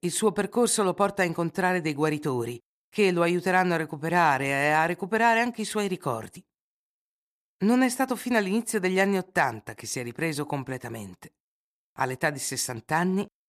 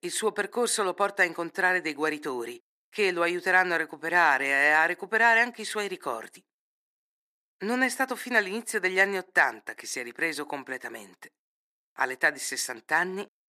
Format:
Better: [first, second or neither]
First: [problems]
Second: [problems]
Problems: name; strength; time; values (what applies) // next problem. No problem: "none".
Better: first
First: none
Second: thin; somewhat; fading below 300 Hz